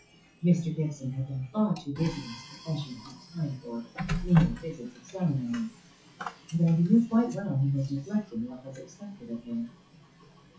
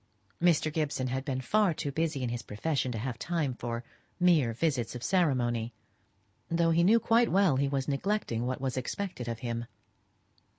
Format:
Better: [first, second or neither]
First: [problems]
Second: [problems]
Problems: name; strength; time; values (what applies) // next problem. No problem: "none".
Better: second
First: noise reduction (classical method WPE with log-MMSE)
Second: none